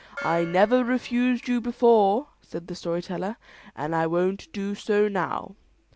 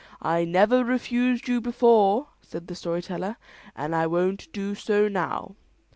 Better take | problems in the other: second | background sound (Gong); 19 dB below the speech

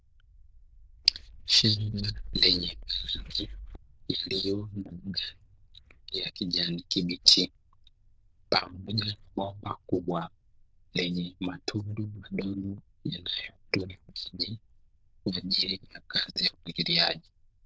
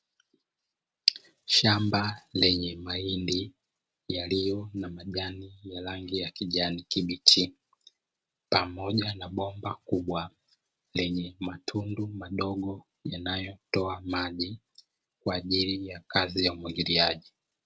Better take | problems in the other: second | noise reduction (neural diffusion model UNIVERSE++)

